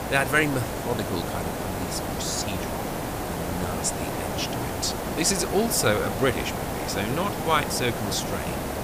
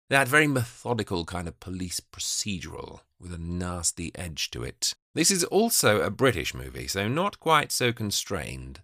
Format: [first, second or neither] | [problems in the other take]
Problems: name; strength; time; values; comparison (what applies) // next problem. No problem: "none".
second | hiss; loud; throughout; 3 dB below the speech